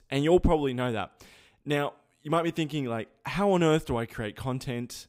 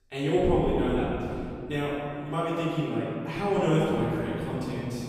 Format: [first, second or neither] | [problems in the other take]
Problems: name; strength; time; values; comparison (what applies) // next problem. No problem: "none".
first | off-mic speech; far // room echo; strong; dies away in 2.8 s